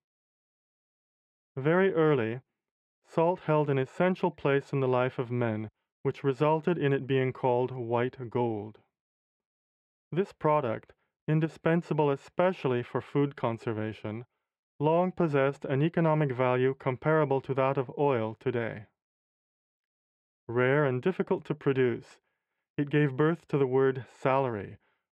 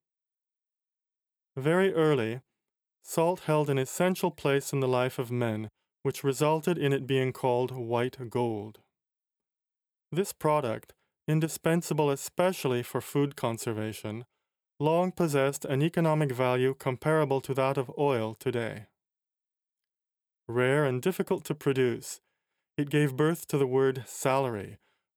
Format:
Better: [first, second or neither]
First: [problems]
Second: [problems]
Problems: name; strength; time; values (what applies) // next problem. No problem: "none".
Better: second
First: muffled; very; fading above 2 kHz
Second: none